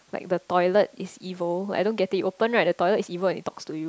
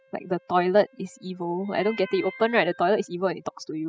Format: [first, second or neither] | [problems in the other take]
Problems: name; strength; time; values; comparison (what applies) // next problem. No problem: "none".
first | noise reduction (classical method spectral subtraction)